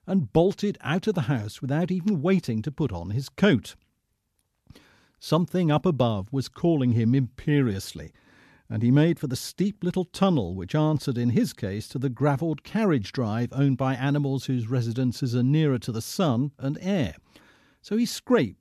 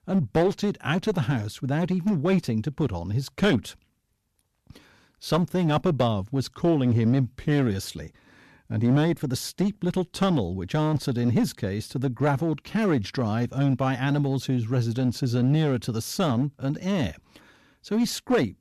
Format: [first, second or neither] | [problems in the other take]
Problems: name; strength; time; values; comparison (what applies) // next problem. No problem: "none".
first | distortion; slight; 7% of the sound clipped